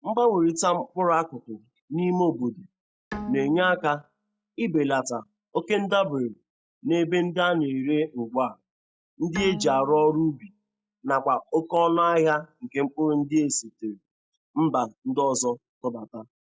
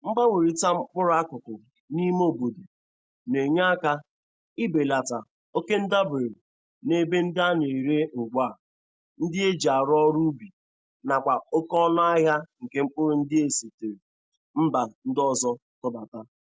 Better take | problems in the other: second | noise reduction (classical method log-MMSE)

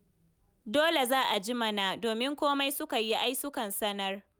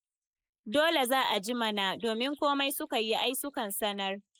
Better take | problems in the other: first | noise reduction (neural mask model Resemble Enhance denoiser)

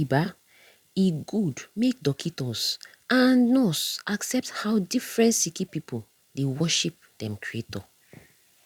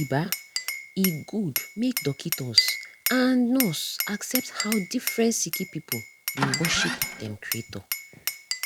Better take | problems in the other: first | background sound (Glass + Engine starting); 3 dB below the speech

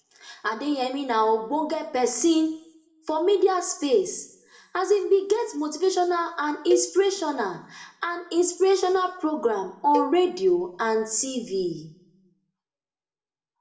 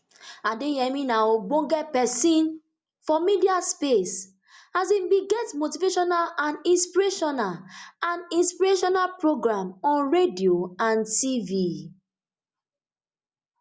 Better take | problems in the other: second | background sound (Cowbell); 12 dB below the speech // room echo; dies away in 0.5 s

